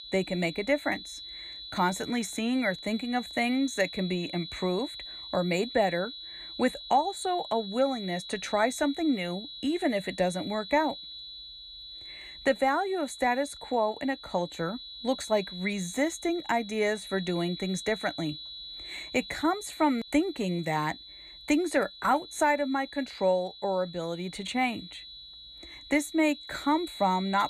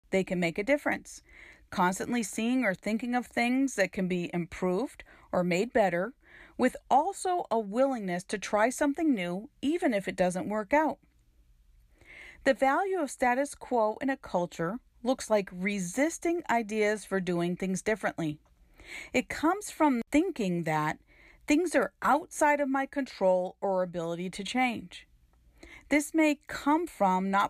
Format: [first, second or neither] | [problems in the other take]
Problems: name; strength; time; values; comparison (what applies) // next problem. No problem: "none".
second | high-pitched whine; noticeable; throughout; 4 kHz, 10 dB below the speech